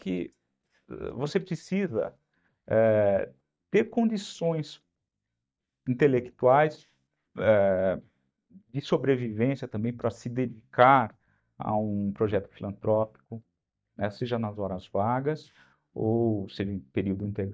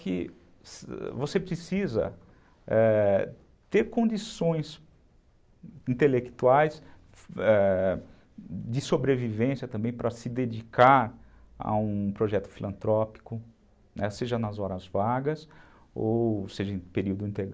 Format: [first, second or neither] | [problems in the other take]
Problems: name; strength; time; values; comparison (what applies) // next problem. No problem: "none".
second | noise reduction (neural mask model DeepFilterNet 3)